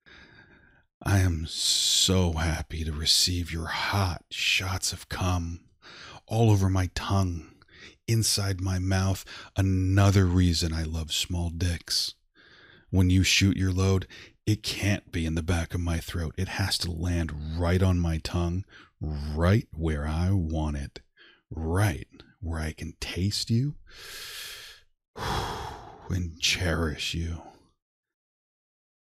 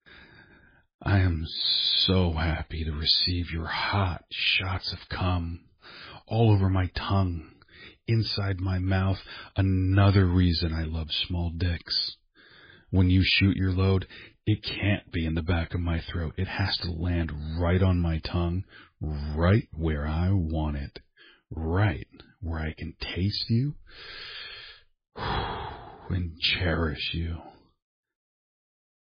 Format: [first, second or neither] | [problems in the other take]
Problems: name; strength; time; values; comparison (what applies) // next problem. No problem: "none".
first | garbled, watery; badly; nothing above 4.5 kHz